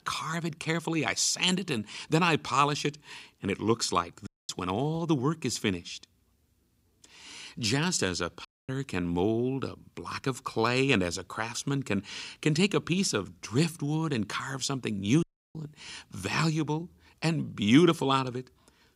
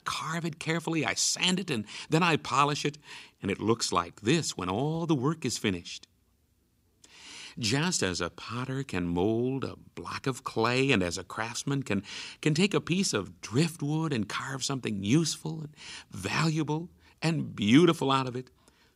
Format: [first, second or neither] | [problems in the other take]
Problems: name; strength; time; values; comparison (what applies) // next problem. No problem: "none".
second | audio cutting out; at 4.5 s, at 8.5 s and at 15 s